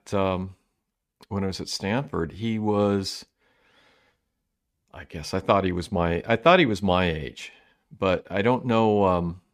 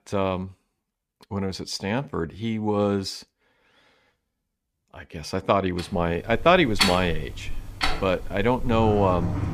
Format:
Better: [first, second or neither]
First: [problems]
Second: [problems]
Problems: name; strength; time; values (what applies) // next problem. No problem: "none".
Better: first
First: none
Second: household noises; very faint; from 6 s on; 5 dB below the speech